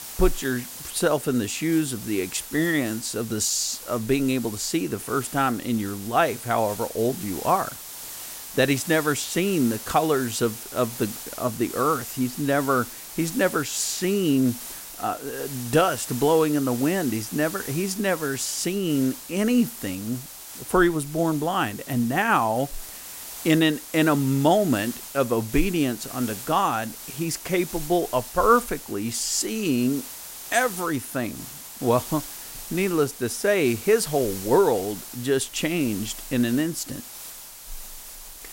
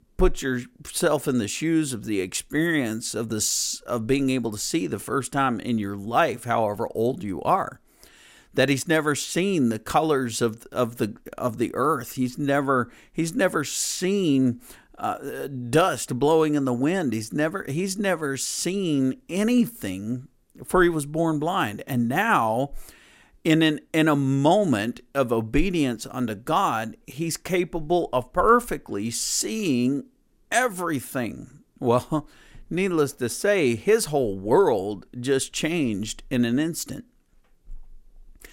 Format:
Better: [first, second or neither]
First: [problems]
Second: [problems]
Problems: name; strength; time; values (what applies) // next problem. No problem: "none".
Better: second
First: hiss; noticeable; throughout; 10 dB below the speech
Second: none